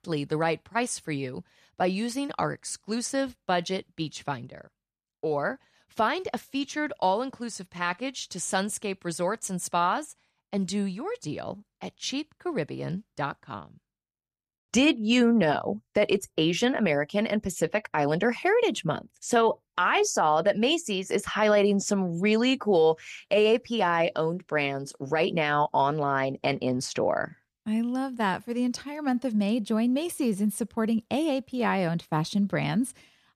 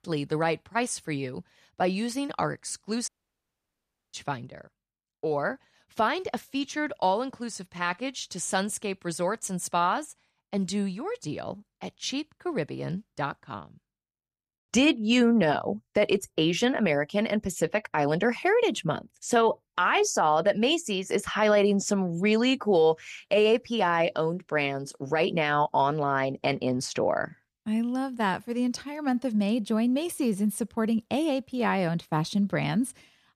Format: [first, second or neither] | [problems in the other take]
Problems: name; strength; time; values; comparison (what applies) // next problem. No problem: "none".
first | audio cutting out; at 3 s for 1 s